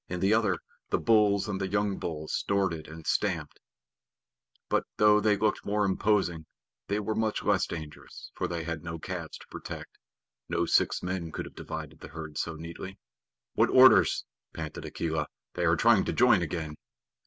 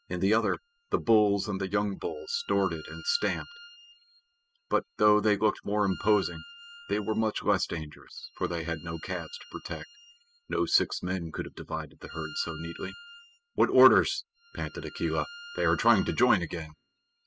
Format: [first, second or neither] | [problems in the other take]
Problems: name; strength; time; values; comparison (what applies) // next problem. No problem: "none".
first | noise reduction (classical method spectral subtraction)